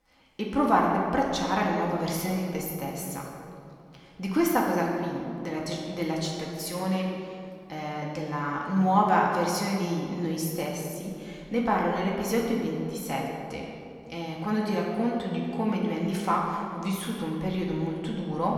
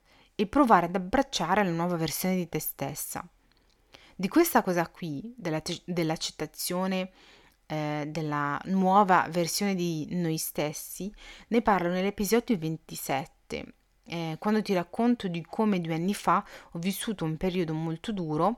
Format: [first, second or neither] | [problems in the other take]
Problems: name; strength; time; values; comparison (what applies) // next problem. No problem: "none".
second | room echo; noticeable; dies away in 2.1 s // off-mic speech; far